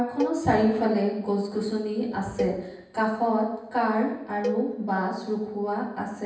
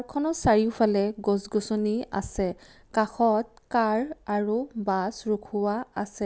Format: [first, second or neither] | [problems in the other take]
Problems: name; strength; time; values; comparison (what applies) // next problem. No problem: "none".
second | background sound (Cowbell); 11 dB below the speech // room echo; dies away in 0.9 s